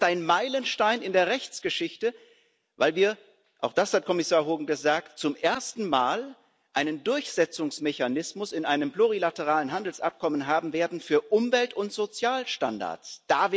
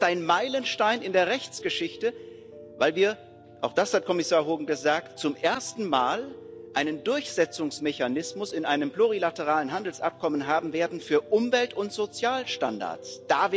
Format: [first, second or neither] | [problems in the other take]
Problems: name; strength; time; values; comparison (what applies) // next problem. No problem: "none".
first | background sound (Piano); 18 dB below the speech